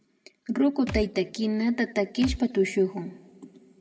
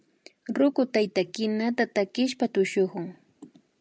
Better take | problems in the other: second | background sound (Thump, thud); 12 dB below the speech // room echo; dies away in 1.7 s

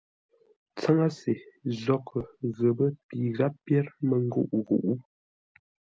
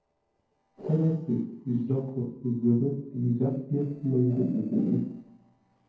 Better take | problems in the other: first | noise reduction (neural separator model SepFormer DNS4)

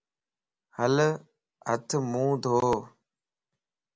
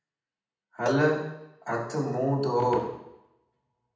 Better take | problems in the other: first | background sound (Cowbell); 12 dB below the speech // room echo; dies away in 0.8 s

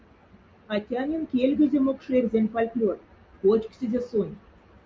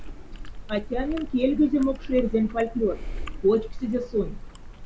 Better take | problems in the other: first | background sound (Chewing, mastication); 9 dB below the speech

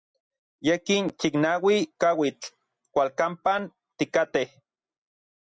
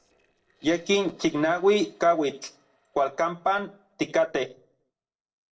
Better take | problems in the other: first | noise reduction (neural separator model SepFormer DNS4)

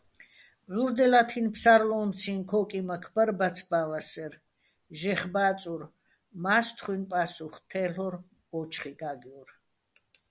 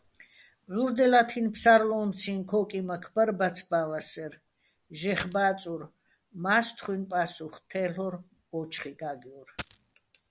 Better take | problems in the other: first | background sound (Coin (dropping)); 14 dB below the speech

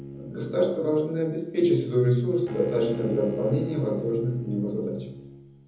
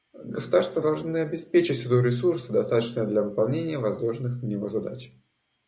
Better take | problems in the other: second | background sound (Bowed string instrument); 12 dB below the speech // room echo; dies away in 1.1 s

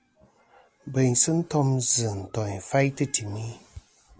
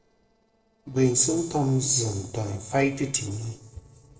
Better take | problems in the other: first | noise reduction (neural separator model SepFormer DNS4)

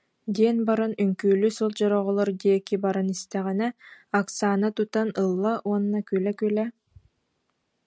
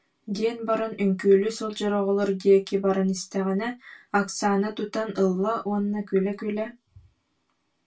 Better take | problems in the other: first | room echo; dies away in 0.2 s

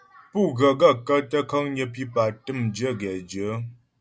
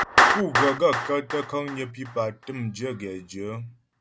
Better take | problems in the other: first | background sound (Clapping); 1 dB above the speech

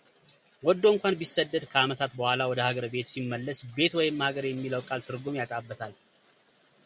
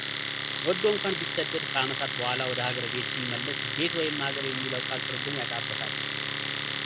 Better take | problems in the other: first | background sound (Domestic sounds, home sounds); 1 dB above the speech

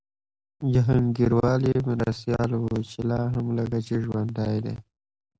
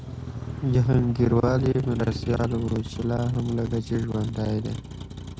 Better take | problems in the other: first | background sound (Motor vehicle (road)); 8 dB below the speech

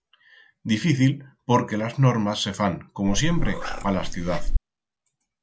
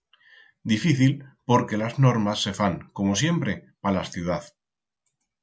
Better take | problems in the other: second | background sound (Meow); 1 dB above the speech

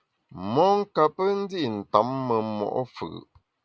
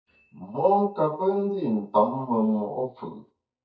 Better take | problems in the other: first | noise reduction (neural mask model DeepFilterNet 3)

